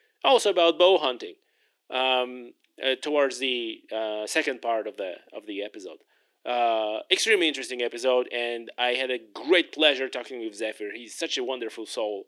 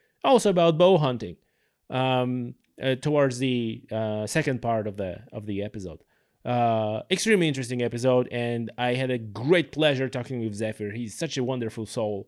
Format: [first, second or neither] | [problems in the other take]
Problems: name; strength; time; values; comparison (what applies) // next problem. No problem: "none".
second | thin; somewhat; fading below 300 Hz